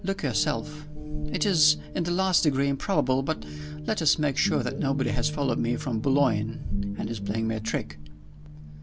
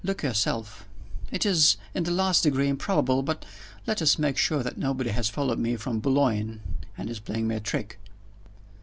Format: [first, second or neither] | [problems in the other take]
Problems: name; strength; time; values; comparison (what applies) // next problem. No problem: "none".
second | background sound (Guitar); 8 dB below the speech